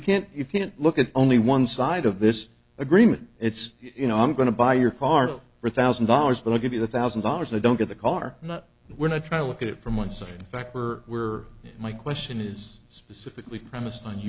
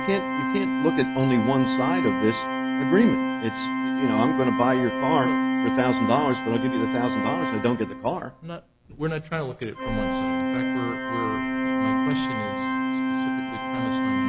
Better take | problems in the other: first | background sound (Organ); 1 dB above the speech

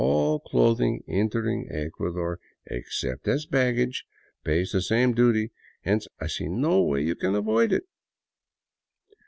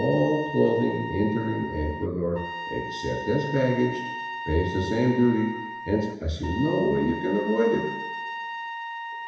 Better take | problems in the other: first | background sound (Trumpet); 9 dB below the speech // room echo; dies away in 1 s

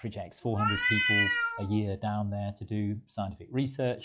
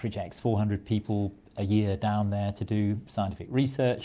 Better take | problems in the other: second | noise reduction (classical method log-MMSE)

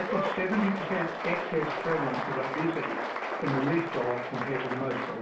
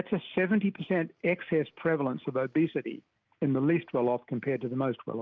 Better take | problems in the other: second | background sound (Applause); 2 dB below the speech // room echo; dies away in 0.3 s

